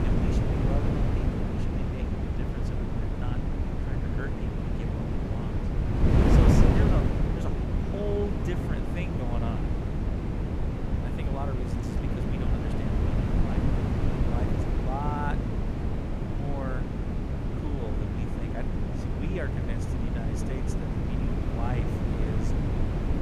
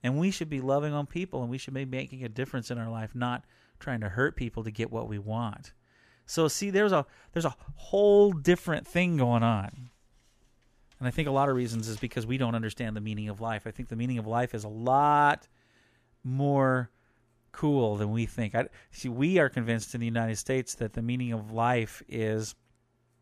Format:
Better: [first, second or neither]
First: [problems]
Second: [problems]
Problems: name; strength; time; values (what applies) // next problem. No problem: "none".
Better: second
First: wind noise on the microphone; heavy; 4 dB above the speech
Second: none